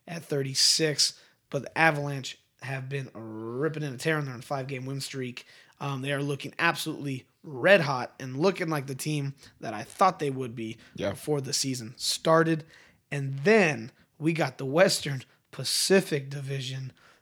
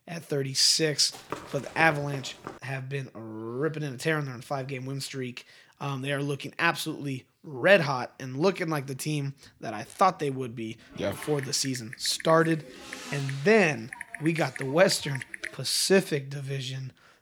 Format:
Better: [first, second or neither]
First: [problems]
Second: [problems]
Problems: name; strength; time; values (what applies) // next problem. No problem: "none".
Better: first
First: none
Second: footsteps; faint; from 1 to 2.5 s; peak 10 dB below the speech // keyboard typing; noticeable; from 11 to 16 s; peak 10 dB below the speech